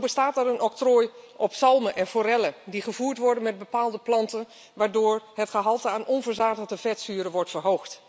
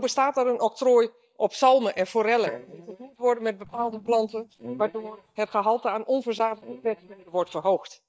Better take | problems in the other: first | noise reduction (neural mask model DeepFilterNet 3)

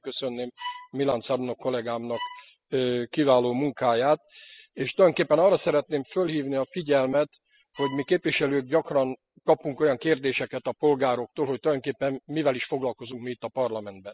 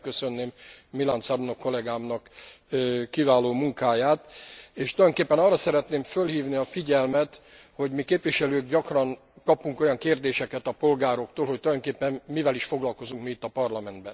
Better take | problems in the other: second | noise reduction (classical method spectral subtraction)

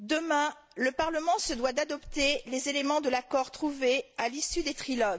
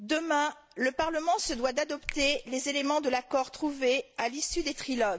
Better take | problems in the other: first | background sound (Finger snapping); 19 dB below the speech

